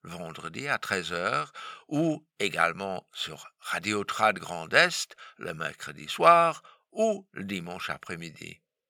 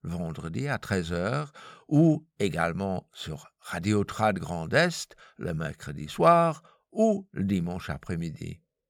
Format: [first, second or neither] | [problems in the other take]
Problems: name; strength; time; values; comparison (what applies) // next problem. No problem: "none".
second | thin; somewhat; fading below 700 Hz